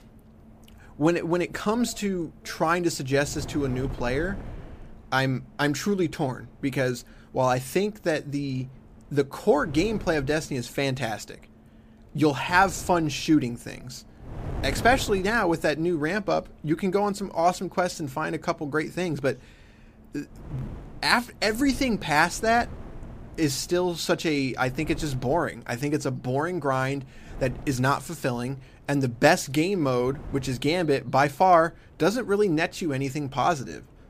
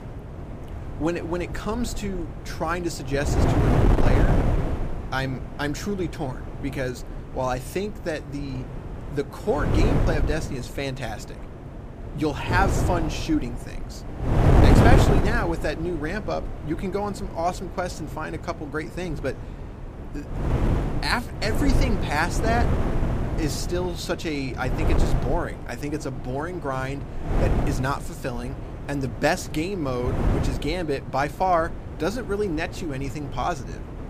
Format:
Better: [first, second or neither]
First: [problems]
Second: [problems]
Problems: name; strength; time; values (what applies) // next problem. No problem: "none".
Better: first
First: wind noise on the microphone; occasional gusts; 25 dB below the speech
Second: wind noise on the microphone; heavy; 4 dB below the speech